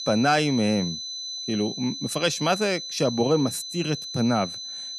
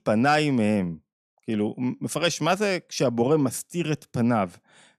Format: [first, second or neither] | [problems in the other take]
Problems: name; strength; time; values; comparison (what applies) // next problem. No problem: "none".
second | high-pitched whine; loud; throughout; 4 kHz, 7 dB below the speech